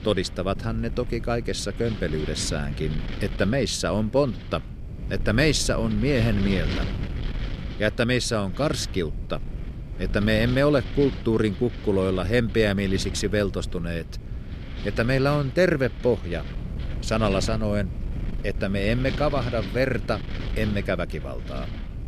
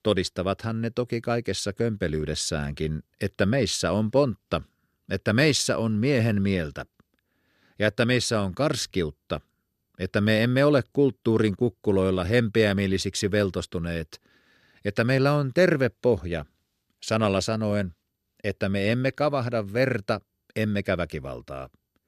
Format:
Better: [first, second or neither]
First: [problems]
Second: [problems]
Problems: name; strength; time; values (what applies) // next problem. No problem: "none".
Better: second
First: wind noise on the microphone; occasional gusts; 15 dB below the speech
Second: none